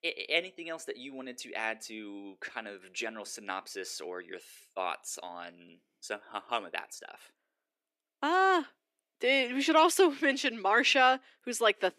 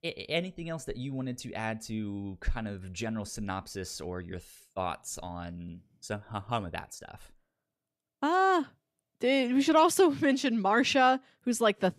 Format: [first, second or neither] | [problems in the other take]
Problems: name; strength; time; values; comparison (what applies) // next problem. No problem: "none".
second | thin; somewhat; fading below 350 Hz